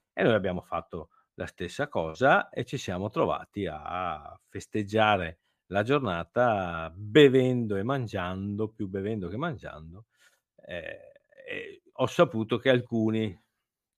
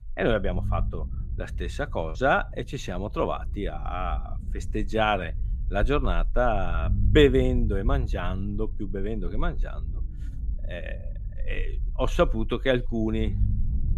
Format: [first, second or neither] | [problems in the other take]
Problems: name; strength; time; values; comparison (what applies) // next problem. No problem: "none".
first | low rumble; faint; throughout; 20 dB below the speech